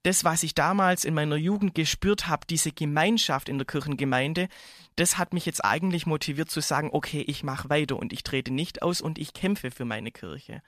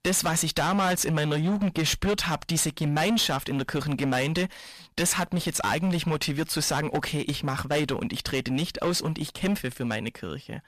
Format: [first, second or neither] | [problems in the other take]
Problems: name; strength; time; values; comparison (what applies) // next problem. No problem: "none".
first | distortion; heavy; 15% of the sound clipped